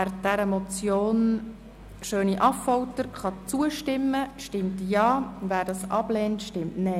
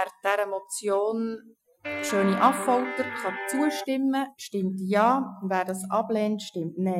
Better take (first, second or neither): first